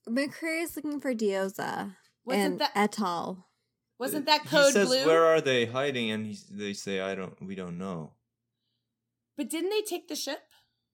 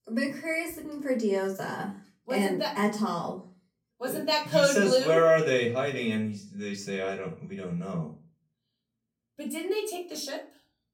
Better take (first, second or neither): first